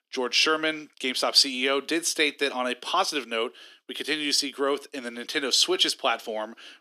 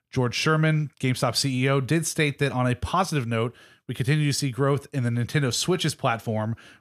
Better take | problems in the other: second | thin; somewhat; fading below 300 Hz

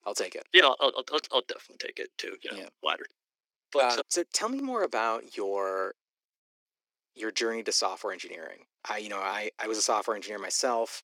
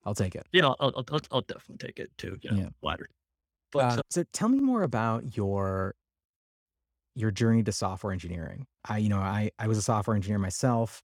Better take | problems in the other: second | thin; very; fading below 350 Hz

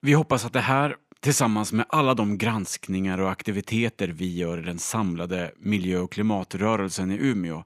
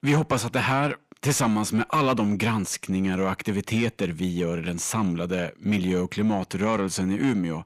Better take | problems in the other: first | distortion; slight; 10 dB below the speech

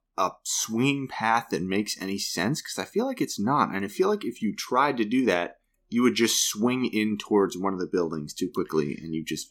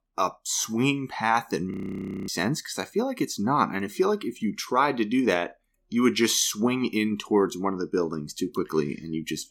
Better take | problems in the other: first | audio freezing; at 1.5 s for 0.5 s

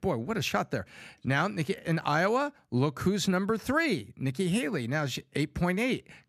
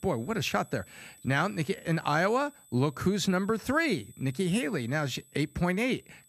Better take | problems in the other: first | high-pitched whine; faint; throughout; 8 kHz, 25 dB below the speech

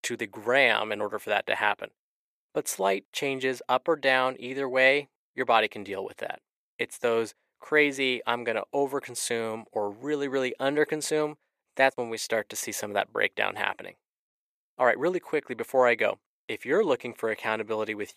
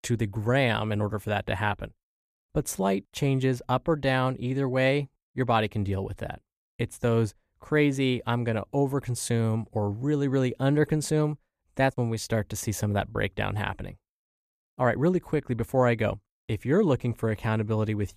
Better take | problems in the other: second | thin; somewhat; fading below 500 Hz

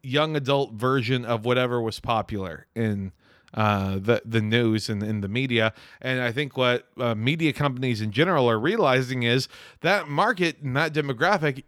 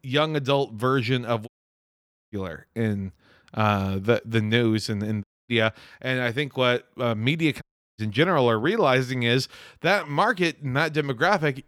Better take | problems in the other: first | audio cutting out; at 1.5 s for 1 s, at 5 s and at 7.5 s

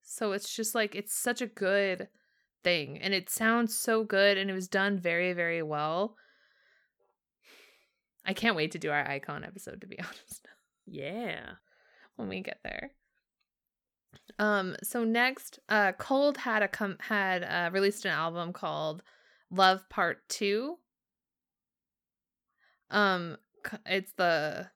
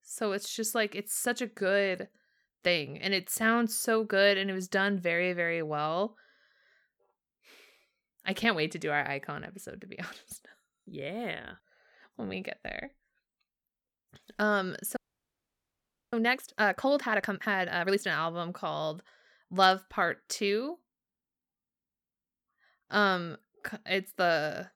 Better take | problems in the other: first | audio freezing; at 15 s for 1 s

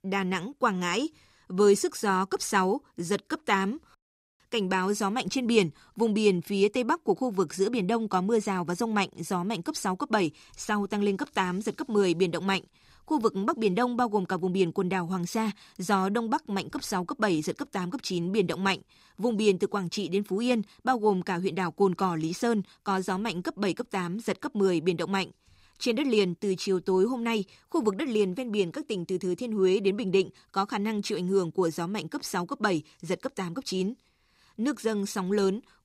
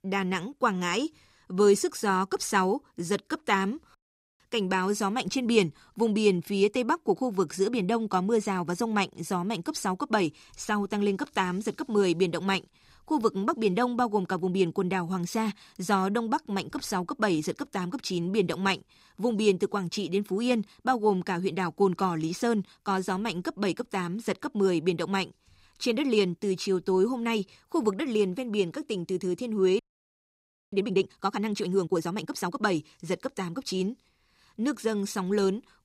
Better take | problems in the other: first | audio freezing; at 30 s for 1 s

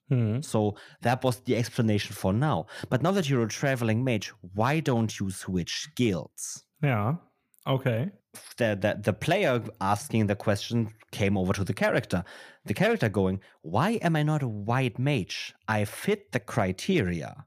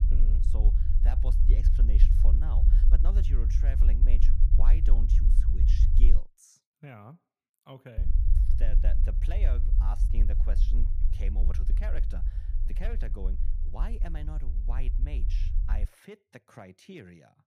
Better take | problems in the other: first | low rumble; loud; until 6 s and from 8 to 16 s; 2 dB below the speech

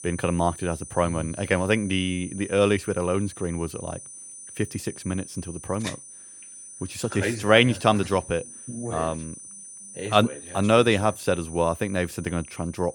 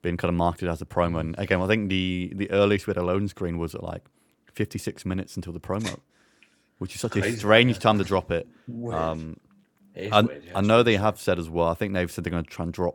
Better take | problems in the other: second | high-pitched whine; noticeable; throughout; 9 kHz, 15 dB below the speech

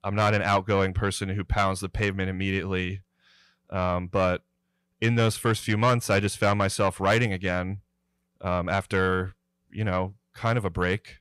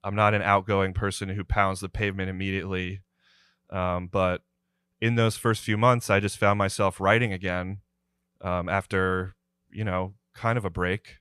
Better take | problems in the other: second | distortion; slight; 10 dB below the speech

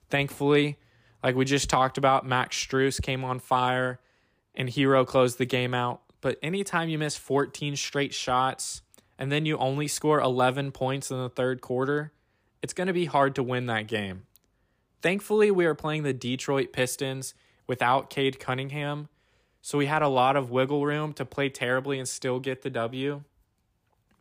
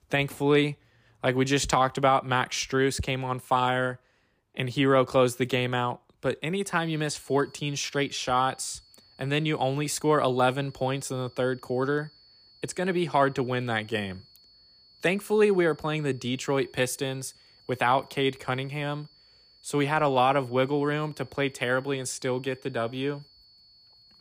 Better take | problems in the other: first | high-pitched whine; faint; from 6.5 s on; 4.5 kHz, 30 dB below the speech

